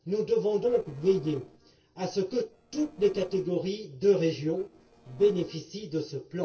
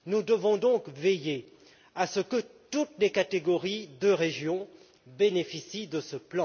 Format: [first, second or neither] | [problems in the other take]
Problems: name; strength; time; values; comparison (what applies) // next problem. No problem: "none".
second | noise reduction (neural separator model SepFormer DNS4)